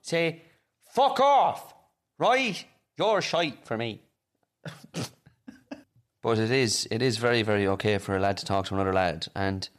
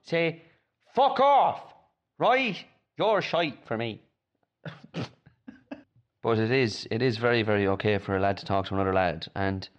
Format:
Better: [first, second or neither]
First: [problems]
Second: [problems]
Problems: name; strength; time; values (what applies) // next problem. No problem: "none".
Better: first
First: none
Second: muffled; very slightly; fading above 3.5 kHz